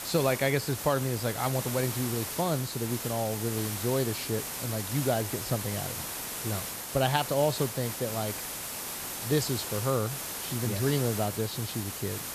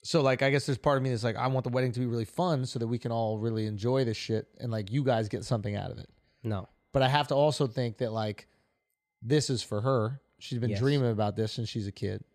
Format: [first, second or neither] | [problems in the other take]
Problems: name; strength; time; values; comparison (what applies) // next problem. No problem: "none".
second | hiss; loud; throughout; 4 dB below the speech